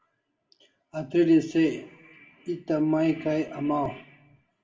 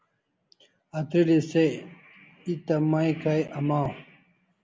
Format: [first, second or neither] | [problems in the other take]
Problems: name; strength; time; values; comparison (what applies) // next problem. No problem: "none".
second | room echo; dies away in 0.4 s